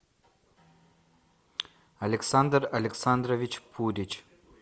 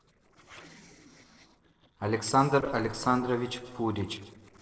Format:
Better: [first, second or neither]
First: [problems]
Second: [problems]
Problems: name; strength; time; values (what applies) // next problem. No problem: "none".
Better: first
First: none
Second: noise reduction (neural separator model SepFormer DNS4)